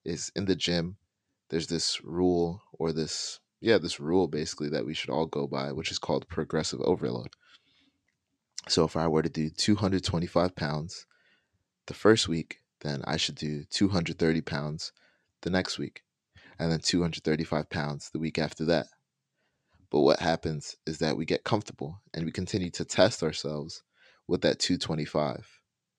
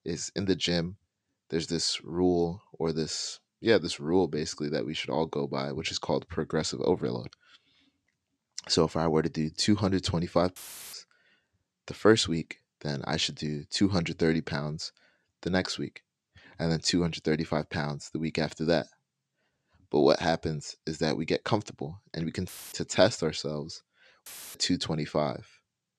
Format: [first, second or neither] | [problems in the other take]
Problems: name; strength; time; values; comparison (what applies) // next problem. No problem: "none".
first | audio cutting out; filled with static; at 11 s, at 22 s and at 24 s